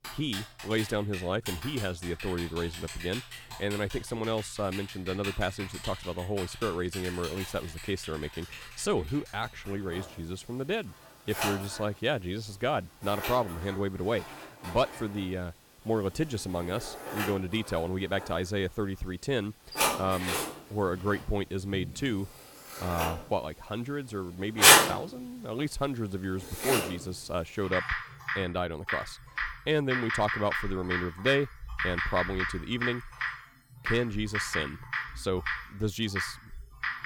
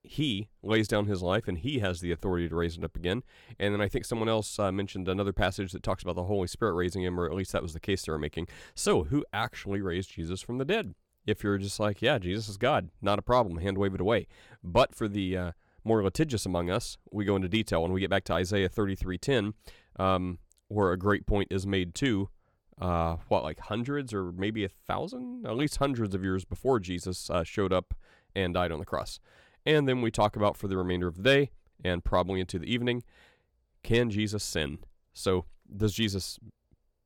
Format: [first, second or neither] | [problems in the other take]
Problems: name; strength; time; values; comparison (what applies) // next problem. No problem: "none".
second | household noises; very loud; throughout; 2 dB above the speech